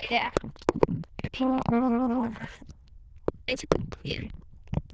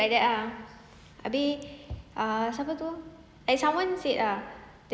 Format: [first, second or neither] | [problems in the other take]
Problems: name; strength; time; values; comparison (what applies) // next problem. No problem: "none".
second | noise reduction (neural diffusion model UNIVERSE++)